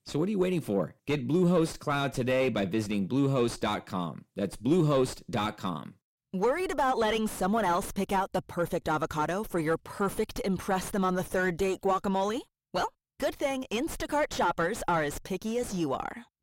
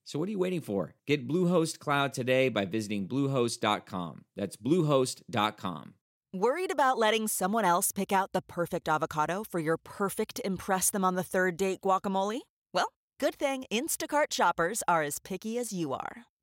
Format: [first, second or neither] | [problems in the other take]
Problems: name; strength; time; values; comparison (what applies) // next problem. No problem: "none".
second | distortion; heavy; 5 dB below the speech